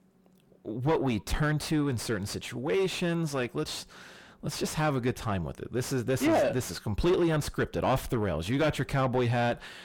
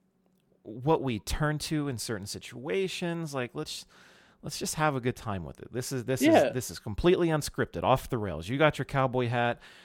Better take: second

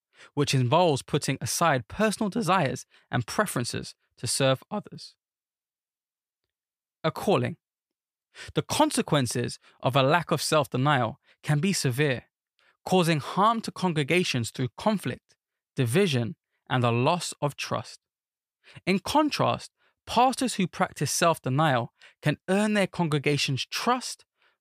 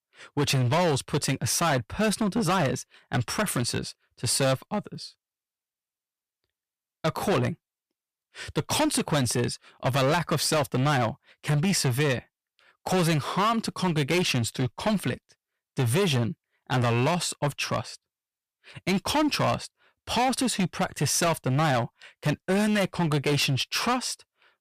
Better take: first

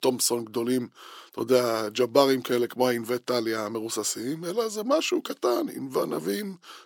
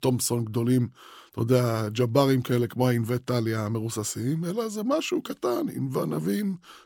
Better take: second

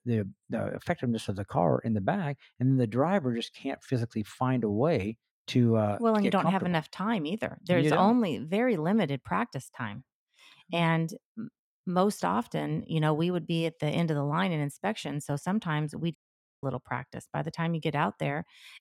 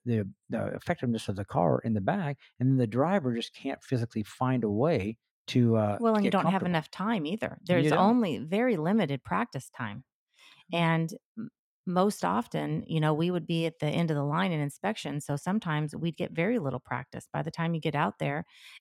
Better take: second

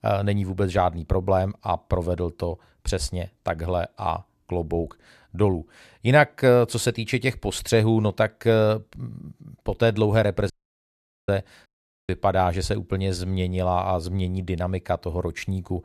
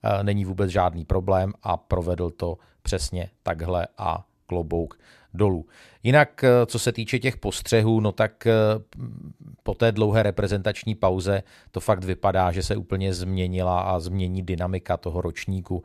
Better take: second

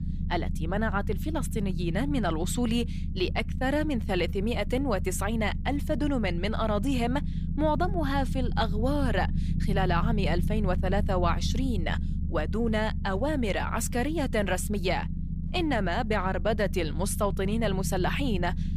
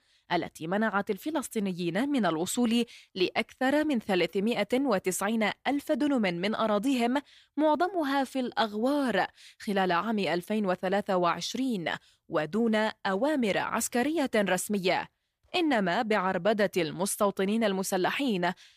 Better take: second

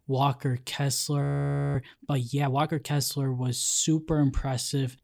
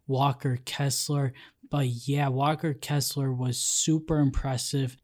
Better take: second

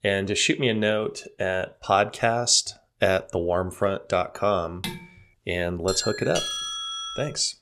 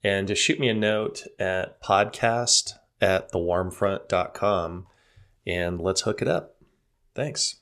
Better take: second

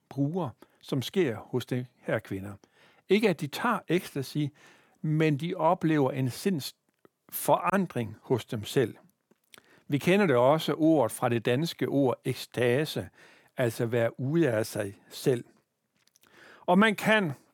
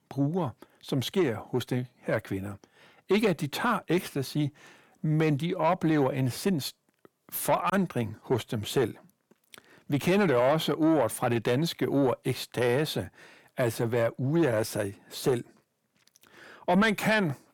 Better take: first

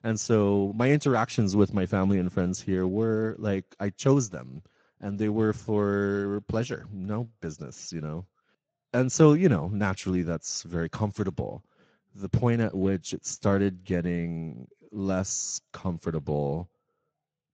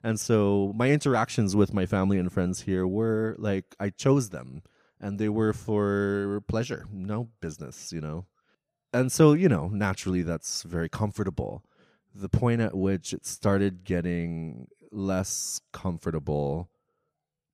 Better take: second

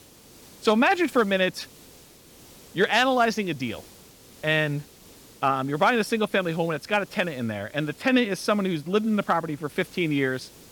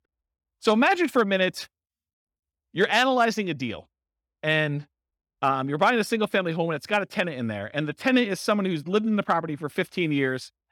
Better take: second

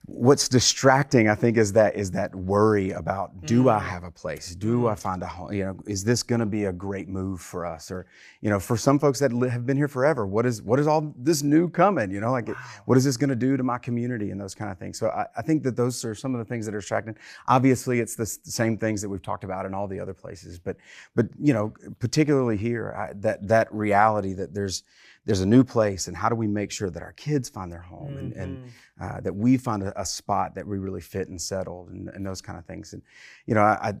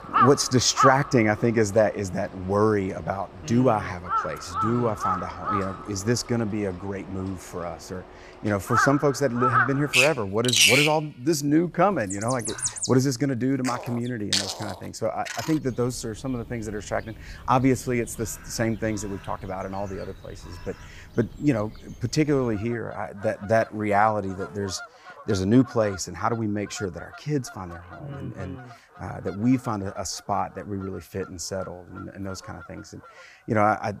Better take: first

